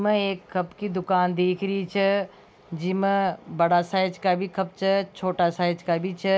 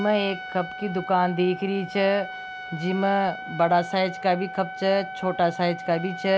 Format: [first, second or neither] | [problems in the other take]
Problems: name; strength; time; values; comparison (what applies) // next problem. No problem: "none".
first | background sound (Trumpet); 12 dB below the speech